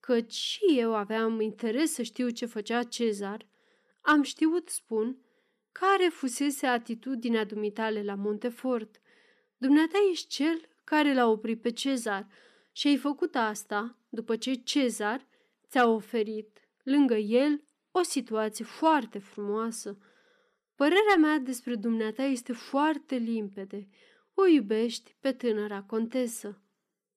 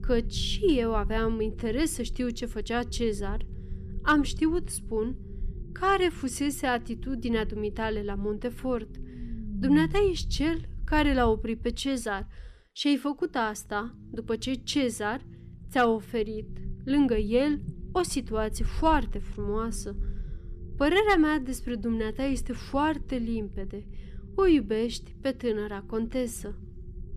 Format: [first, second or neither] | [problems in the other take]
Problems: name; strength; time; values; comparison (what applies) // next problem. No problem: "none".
first | low rumble; faint; throughout; 25 dB below the speech